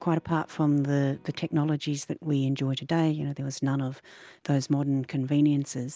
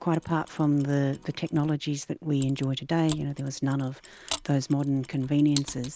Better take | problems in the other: first | background sound (Mechanisms); 17 dB below the speech

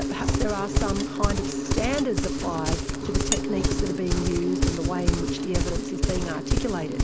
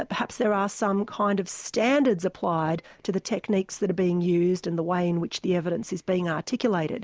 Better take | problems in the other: second | background sound (Insect + Livestock, farm animals, working animals); 4 dB above the speech

